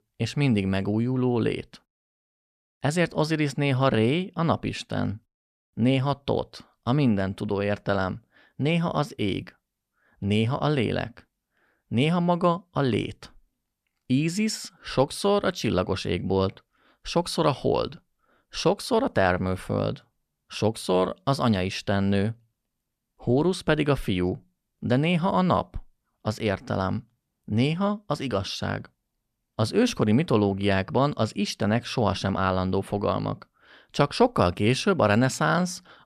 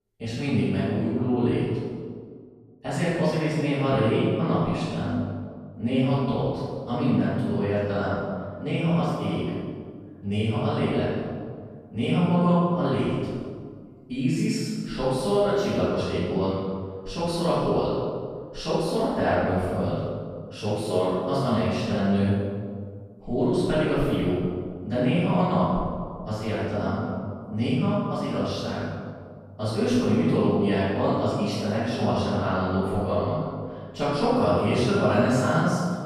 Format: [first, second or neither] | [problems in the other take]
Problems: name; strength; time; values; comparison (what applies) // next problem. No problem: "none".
first | off-mic speech; far // room echo; strong; dies away in 1.7 s